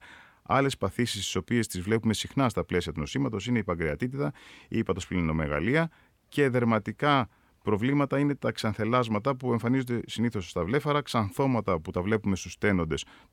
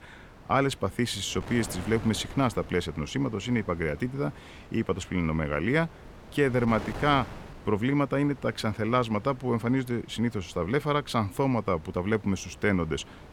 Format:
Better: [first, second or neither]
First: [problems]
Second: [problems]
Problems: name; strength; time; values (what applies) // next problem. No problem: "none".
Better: first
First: none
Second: wind noise on the microphone; occasional gusts; 20 dB below the speech